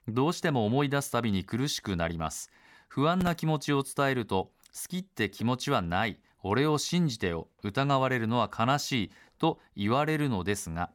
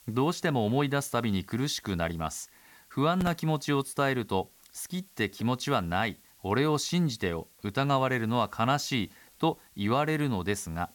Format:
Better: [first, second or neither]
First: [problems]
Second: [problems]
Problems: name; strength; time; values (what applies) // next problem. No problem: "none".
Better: first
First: none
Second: hiss; faint; throughout; 25 dB below the speech